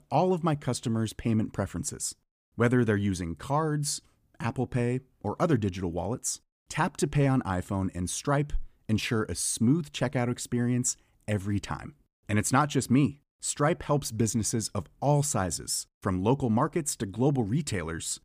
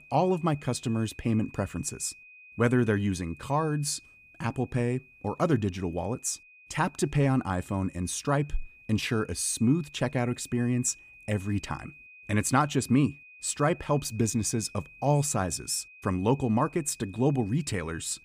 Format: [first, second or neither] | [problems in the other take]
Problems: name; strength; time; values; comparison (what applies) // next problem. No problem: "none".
first | high-pitched whine; faint; throughout; 2.5 kHz, 20 dB below the speech